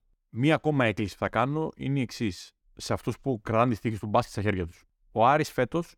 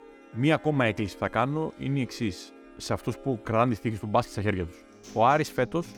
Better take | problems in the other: first | background music; faint; throughout; 20 dB below the speech

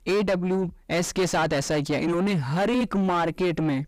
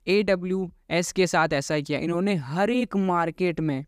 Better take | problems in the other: second | distortion; heavy; 5 dB below the speech

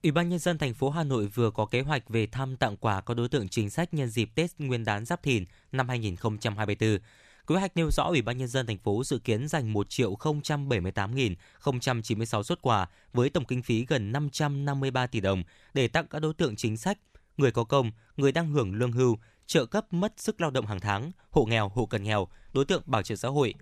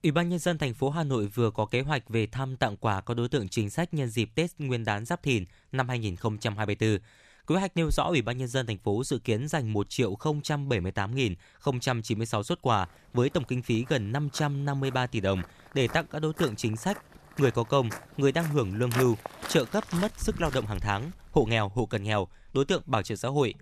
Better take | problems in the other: first | footsteps; noticeable; from 14 to 22 s; peak 5 dB below the speech

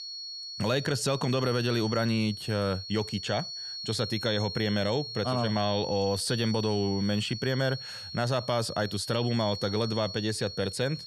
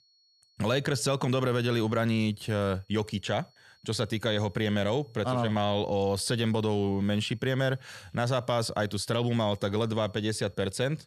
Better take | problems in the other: second | high-pitched whine; loud; throughout; 4.5 kHz, 8 dB below the speech; faint in the second

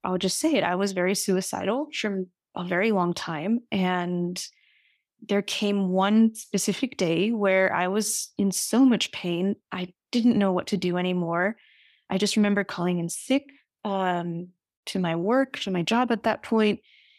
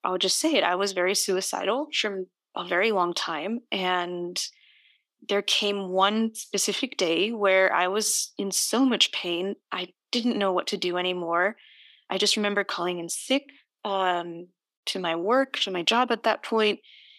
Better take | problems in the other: first | thin; somewhat; fading below 300 Hz

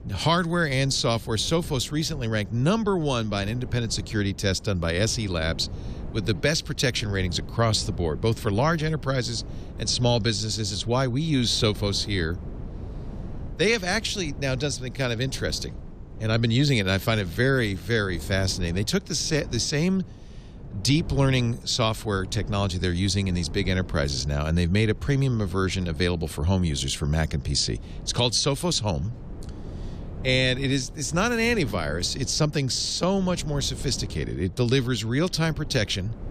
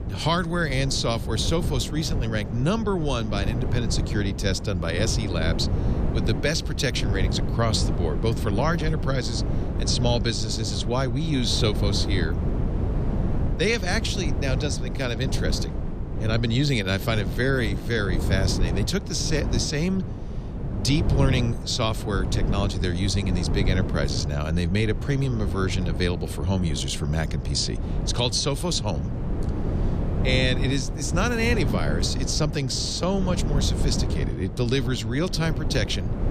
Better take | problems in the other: first | wind noise on the microphone; heavy; 9 dB below the speech; occasional gusts in the first

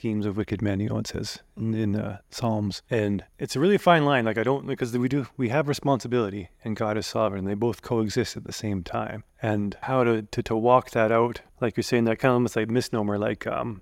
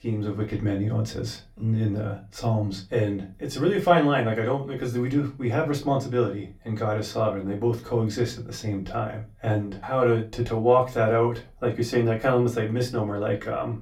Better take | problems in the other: first | off-mic speech; far // room echo; very slight; dies away in 0.2 s

